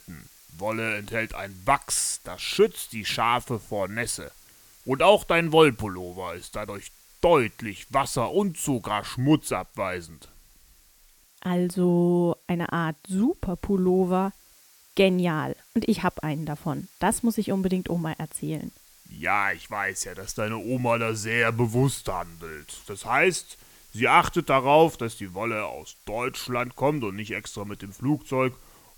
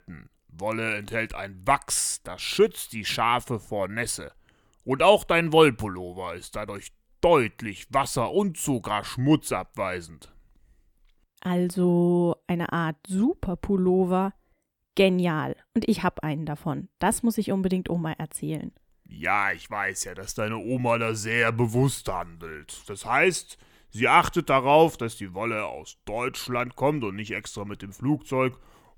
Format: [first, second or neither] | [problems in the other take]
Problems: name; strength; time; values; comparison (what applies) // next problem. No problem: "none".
second | hiss; faint; throughout; 25 dB below the speech